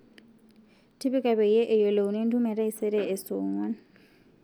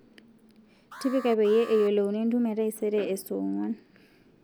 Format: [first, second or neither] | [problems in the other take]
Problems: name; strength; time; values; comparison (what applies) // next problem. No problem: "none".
first | background sound (Alarm); 17 dB below the speech